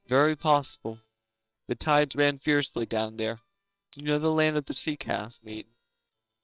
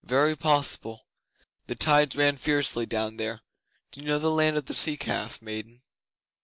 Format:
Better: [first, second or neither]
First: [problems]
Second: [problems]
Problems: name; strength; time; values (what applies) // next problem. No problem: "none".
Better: second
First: noise reduction (neural separator model SepFormer WHAMR!)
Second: none